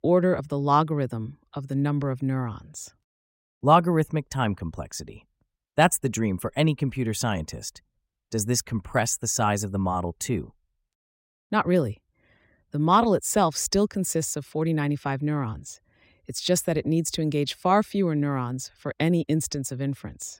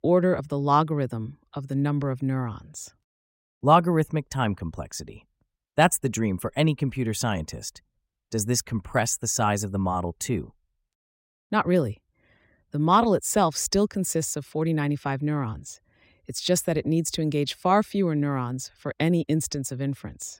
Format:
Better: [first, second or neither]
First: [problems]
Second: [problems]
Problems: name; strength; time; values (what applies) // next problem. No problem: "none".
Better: neither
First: none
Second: none